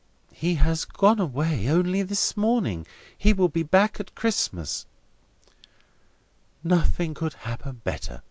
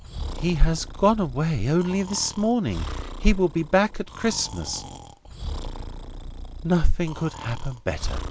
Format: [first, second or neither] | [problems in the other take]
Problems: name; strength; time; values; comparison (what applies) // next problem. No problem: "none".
first | background sound (Breathing); 11 dB below the speech